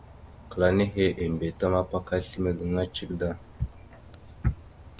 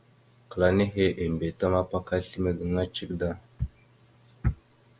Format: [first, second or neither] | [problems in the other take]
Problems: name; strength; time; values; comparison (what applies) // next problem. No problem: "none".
second | background sound (Rain); 19 dB below the speech